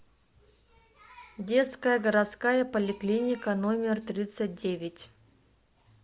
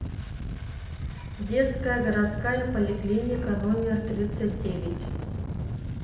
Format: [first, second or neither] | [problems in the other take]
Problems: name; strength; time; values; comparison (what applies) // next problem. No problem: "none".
first | background sound (Engine starting); 4 dB below the speech // room echo; dies away in 0.8 s